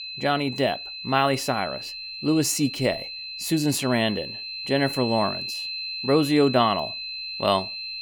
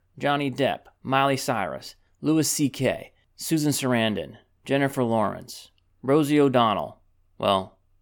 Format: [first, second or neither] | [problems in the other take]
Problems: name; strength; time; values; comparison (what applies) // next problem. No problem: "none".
second | high-pitched whine; loud; throughout; 4 kHz, 7 dB below the speech